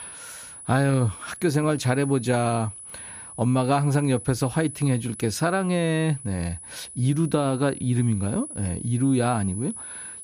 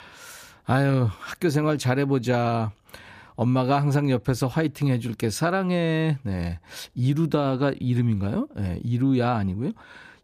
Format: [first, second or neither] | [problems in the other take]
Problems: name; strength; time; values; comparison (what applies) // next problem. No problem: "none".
second | high-pitched whine; noticeable; throughout; 10 kHz, 15 dB below the speech